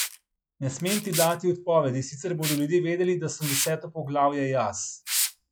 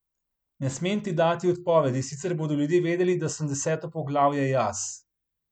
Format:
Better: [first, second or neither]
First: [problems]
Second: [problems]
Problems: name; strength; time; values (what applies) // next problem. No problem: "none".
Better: second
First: noise reduction (classical method log-MMSE)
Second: none